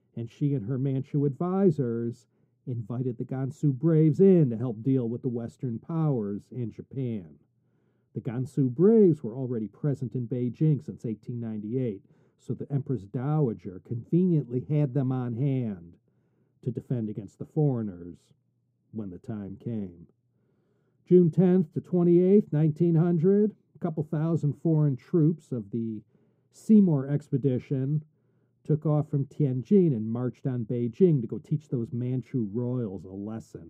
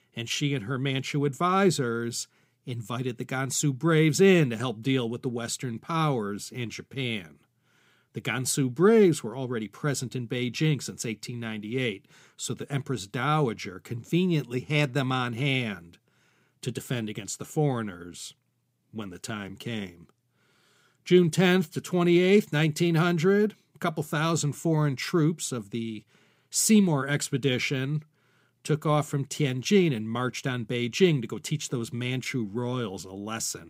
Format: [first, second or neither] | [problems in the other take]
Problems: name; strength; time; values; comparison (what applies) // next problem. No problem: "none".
second | muffled; very; fading above 1 kHz